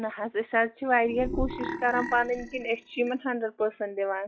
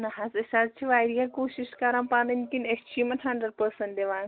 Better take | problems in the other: second | noise reduction (classical method log-MMSE)

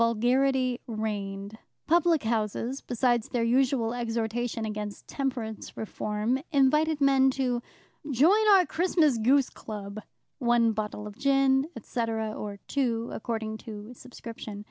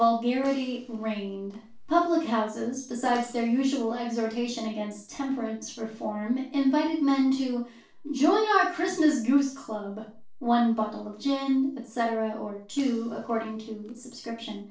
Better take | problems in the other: first | noise reduction (neural separator model SepFormer DNS4)

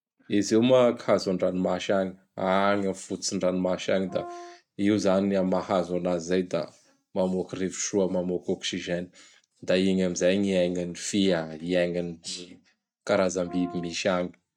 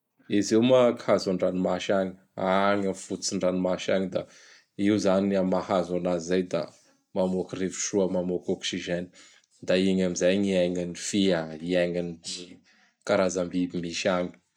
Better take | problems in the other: second | noise reduction (neural mask model RNNoise)

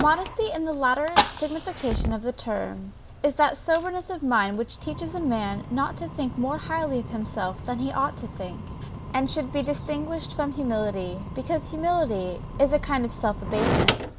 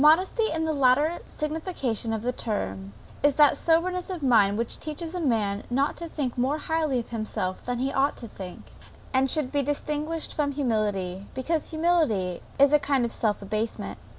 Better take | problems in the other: second | background sound (Fire); 5 dB below the speech

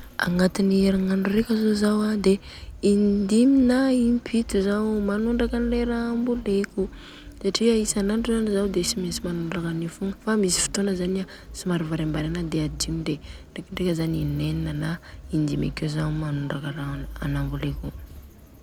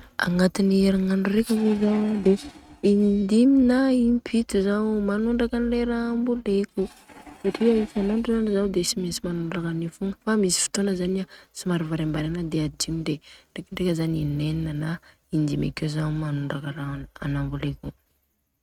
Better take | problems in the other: first | noise reduction (neural mask model RNNoise)

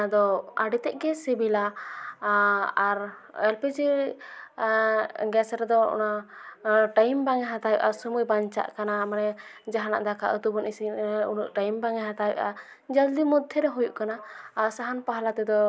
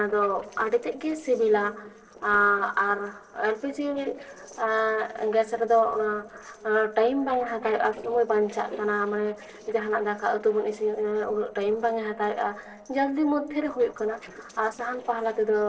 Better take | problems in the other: first | noise reduction (neural separator model SepFormer DNS4)

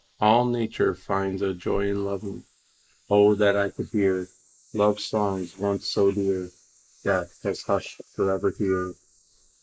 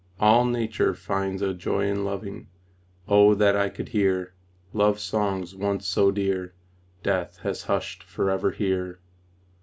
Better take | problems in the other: second | noise reduction (neural mask model Resemble Enhance denoiser)

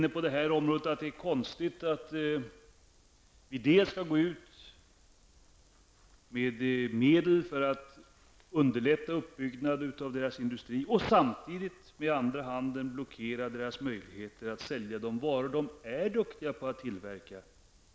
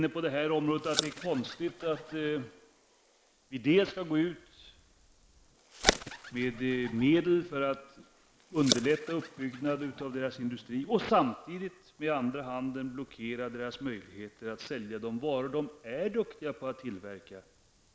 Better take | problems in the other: first | noise reduction (neural mask model Resemble Enhance denoiser)

